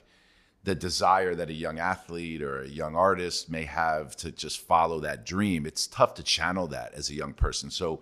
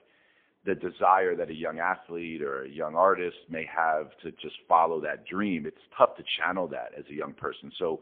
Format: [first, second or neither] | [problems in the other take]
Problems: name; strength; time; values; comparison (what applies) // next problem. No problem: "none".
first | phone-call audio; poor line; nothing above 3.5 kHz